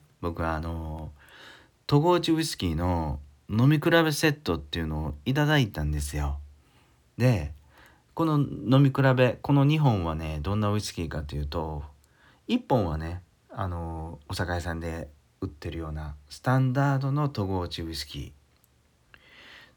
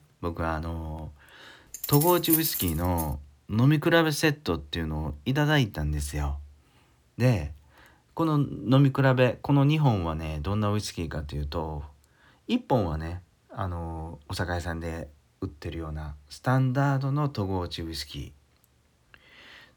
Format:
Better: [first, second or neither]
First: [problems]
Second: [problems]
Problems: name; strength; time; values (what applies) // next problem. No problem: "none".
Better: first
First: none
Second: jangling keys; loud; from 1.5 to 3 s; peak 2 dB above the speech